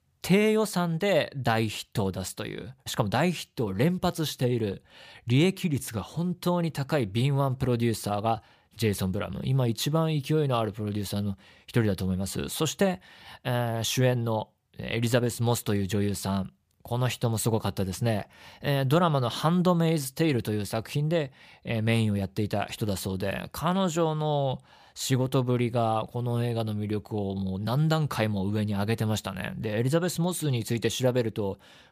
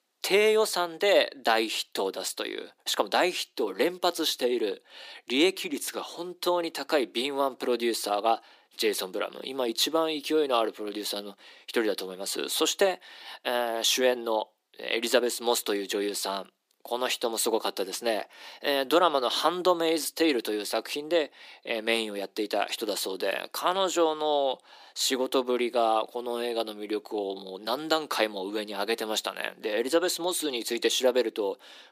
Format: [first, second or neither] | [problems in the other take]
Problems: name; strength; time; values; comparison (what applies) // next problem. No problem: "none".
first | thin; very; fading below 300 Hz